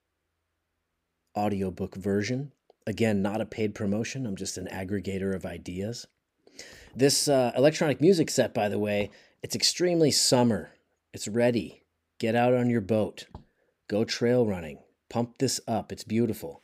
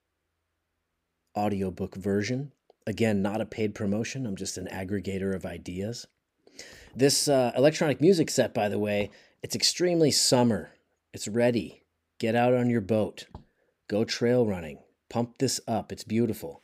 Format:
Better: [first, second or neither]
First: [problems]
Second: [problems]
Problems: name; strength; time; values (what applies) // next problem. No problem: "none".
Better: neither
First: none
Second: none